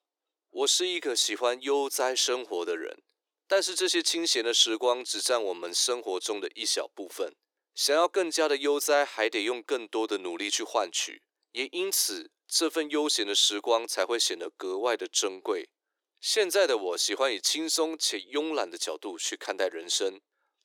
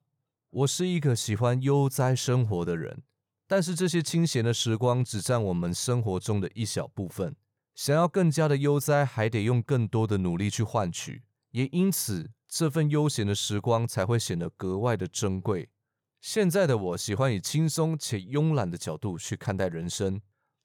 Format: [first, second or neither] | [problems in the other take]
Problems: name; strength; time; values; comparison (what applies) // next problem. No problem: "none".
second | thin; very; fading below 300 Hz